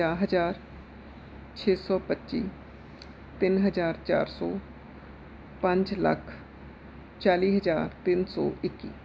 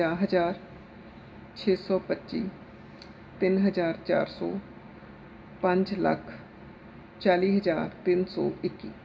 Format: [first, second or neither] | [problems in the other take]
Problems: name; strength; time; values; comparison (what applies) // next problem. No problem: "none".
first | room echo; dies away in 1.1 s